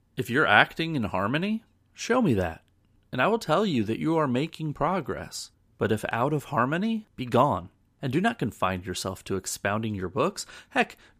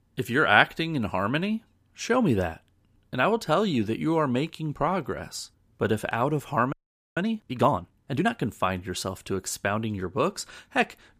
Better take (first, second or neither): first